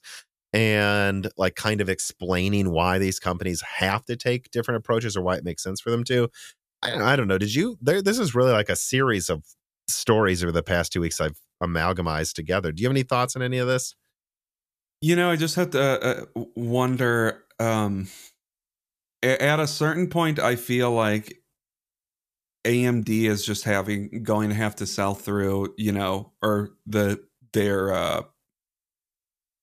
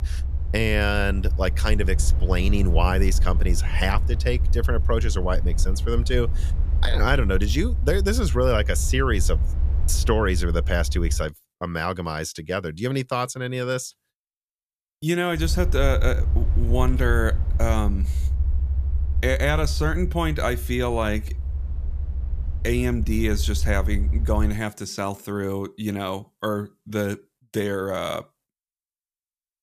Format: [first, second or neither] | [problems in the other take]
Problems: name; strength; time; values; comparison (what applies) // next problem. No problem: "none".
first | low rumble; noticeable; until 11 s and from 15 to 25 s; 15 dB below the speech